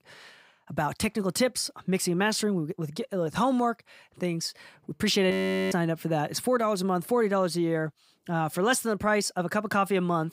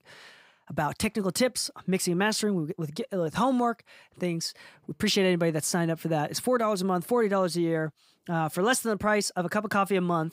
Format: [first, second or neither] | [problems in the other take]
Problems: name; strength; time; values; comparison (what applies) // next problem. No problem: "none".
second | audio freezing; at 5.5 s